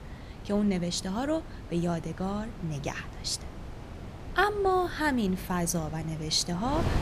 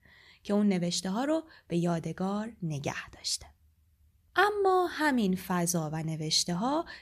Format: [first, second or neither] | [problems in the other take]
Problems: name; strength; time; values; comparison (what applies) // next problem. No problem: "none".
second | wind noise on the microphone; occasional gusts; 15 dB below the speech